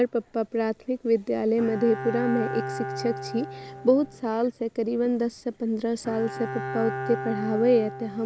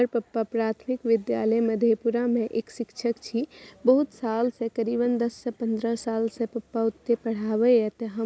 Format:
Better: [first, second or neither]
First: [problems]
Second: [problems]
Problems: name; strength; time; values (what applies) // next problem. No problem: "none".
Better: second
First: background sound (Bowed string instrument); 10 dB below the speech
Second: none